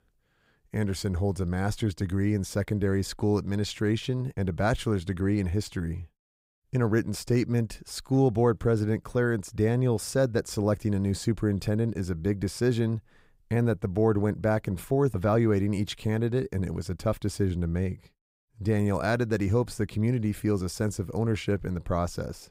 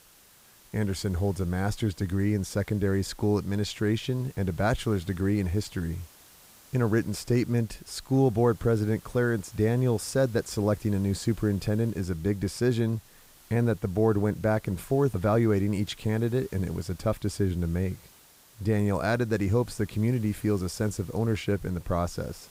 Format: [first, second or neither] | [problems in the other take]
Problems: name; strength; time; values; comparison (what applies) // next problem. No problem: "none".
first | hiss; faint; throughout; 25 dB below the speech